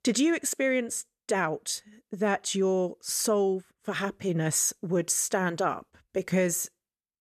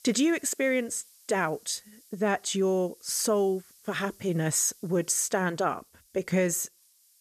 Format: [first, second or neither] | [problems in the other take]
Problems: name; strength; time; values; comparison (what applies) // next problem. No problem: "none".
first | hiss; faint; throughout; 25 dB below the speech